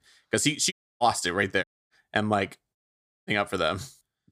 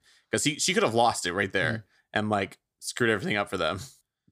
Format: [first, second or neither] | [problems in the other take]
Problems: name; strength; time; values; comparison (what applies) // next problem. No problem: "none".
second | audio cutting out; at 0.5 s, at 1.5 s and at 3 s for 0.5 s